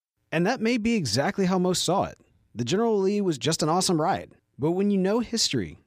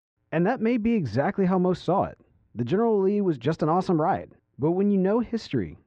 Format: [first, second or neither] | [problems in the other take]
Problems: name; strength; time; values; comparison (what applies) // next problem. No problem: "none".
first | muffled; very; fading above 1.5 kHz